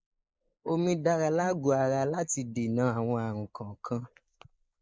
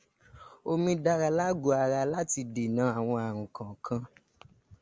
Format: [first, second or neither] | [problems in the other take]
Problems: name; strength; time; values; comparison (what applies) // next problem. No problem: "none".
second | noise reduction (neural mask model Resemble Enhance denoiser)